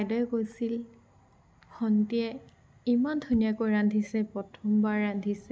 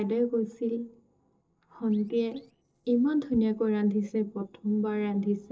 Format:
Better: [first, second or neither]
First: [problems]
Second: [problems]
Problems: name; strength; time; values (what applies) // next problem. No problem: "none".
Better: first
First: none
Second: noise reduction (neural separator model SepFormer DNS4)